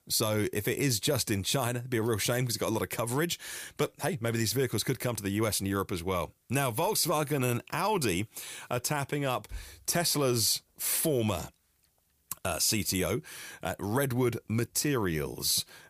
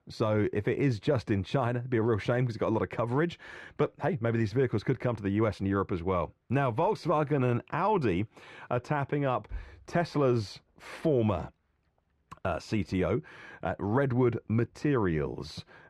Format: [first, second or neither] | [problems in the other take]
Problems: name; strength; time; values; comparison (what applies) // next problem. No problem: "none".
first | muffled; very; fading above 1.5 kHz